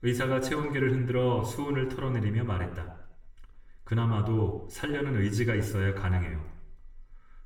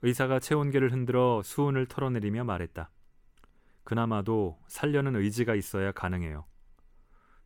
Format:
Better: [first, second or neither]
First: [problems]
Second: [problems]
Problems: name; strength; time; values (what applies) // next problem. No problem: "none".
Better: second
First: room echo; slight; dies away in 0.7 s // off-mic speech; somewhat distant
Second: none